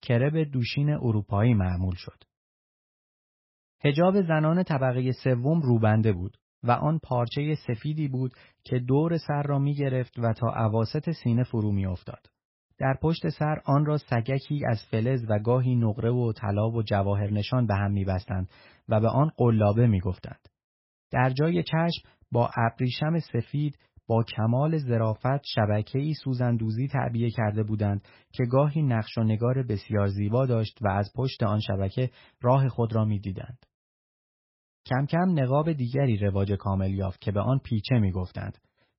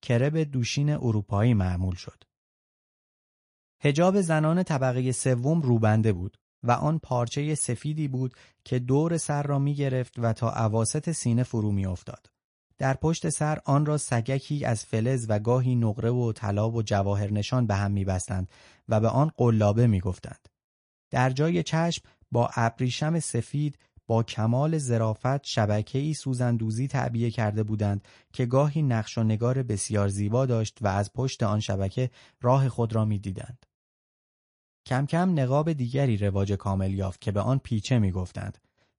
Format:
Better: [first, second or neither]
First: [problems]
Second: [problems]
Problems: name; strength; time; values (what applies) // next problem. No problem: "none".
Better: second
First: garbled, watery; badly; nothing above 5.5 kHz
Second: garbled, watery; slightly; nothing above 10.5 kHz